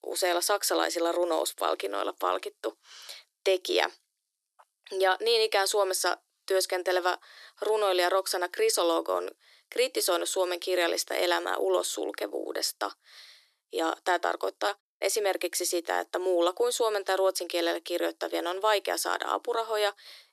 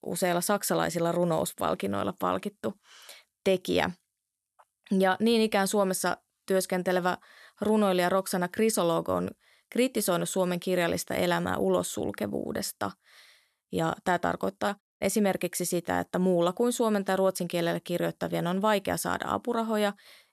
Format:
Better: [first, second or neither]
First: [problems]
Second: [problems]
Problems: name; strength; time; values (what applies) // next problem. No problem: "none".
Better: second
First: thin; very; fading below 300 Hz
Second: none